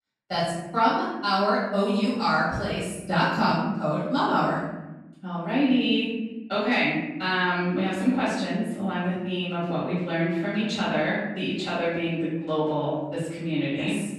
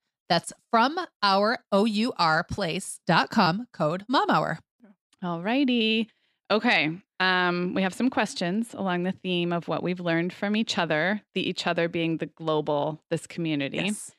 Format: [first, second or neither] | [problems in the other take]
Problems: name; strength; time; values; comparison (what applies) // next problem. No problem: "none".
second | off-mic speech; far // room echo; strong; dies away in 1.1 s